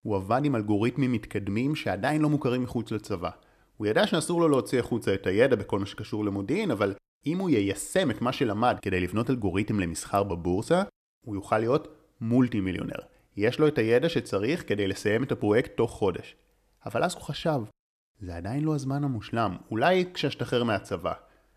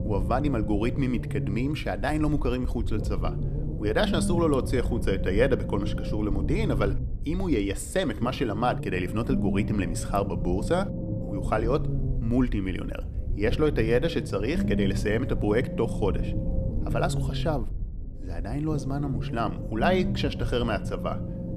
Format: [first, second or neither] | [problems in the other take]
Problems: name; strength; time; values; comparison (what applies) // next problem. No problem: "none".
first | low rumble; noticeable; throughout; 10 dB below the speech